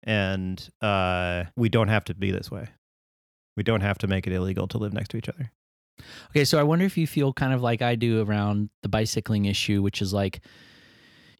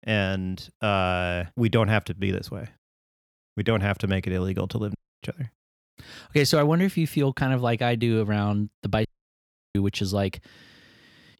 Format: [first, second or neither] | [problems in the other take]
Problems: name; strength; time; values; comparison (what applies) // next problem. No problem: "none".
first | audio cutting out; at 5 s and at 9 s for 0.5 s